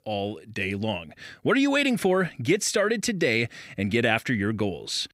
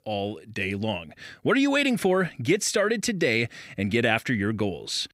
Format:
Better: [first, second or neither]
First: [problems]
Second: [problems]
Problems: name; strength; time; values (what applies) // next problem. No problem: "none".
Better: neither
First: none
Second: none